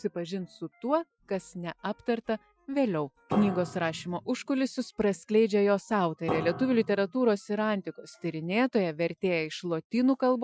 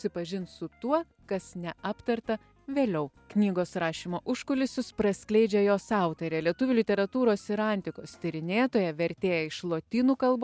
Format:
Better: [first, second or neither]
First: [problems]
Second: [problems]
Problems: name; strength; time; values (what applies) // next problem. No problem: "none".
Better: second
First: noise reduction (classical method Wiener filter)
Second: none